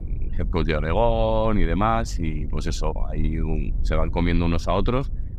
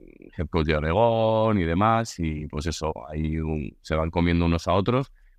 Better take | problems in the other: second | low rumble; faint; throughout; 25 dB below the speech

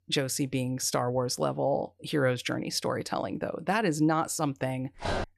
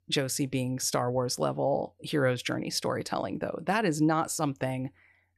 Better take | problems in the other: second | dog barking; noticeable; at 5 s; peak 4 dB below the speech

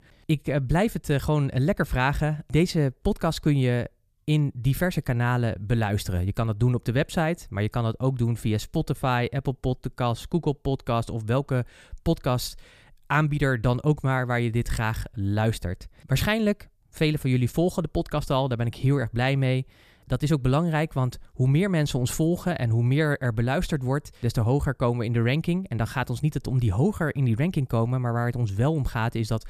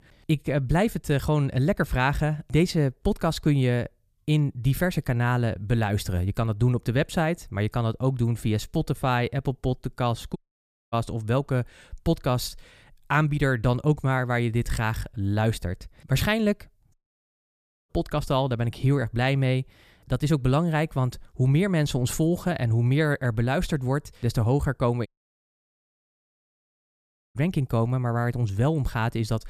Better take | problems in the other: first | audio cutting out; at 10 s for 0.5 s, at 17 s for 1 s and at 25 s for 2.5 s

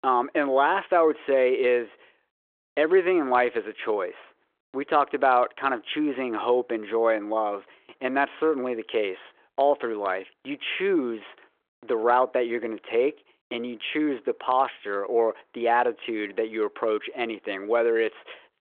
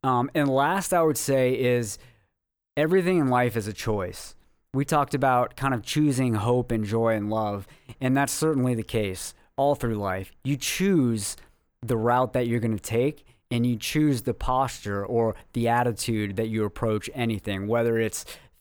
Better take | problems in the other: second | phone-call audio

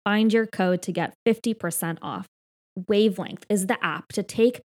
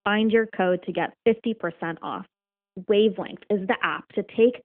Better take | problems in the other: first | phone-call audio; nothing above 3.5 kHz

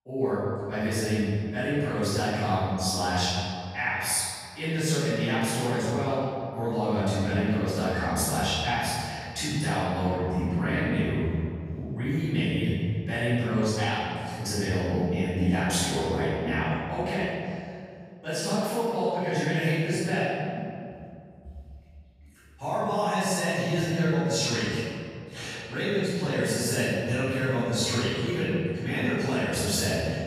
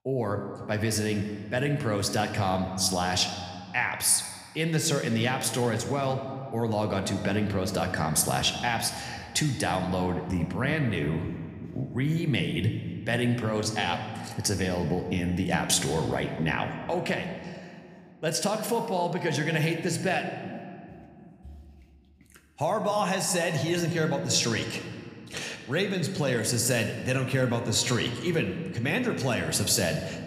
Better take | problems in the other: second | room echo; strong; dies away in 2.3 s; slight in the second // off-mic speech; far

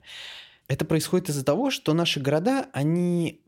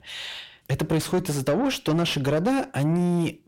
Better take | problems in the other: first | distortion; slight; 10 dB below the speech

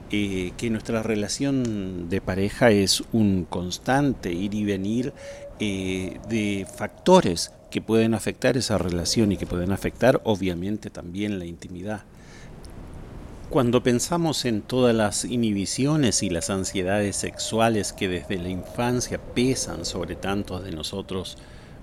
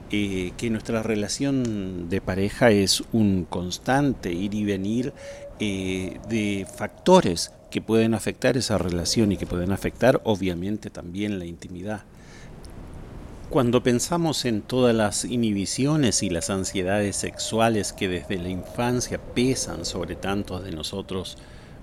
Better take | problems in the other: neither | wind noise on the microphone; occasional gusts; 20 dB below the speech; the same in both

